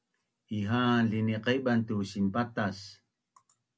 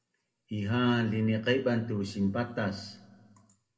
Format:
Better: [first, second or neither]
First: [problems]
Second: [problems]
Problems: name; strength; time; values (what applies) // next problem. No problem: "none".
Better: first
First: none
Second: room echo; dies away in 1.4 s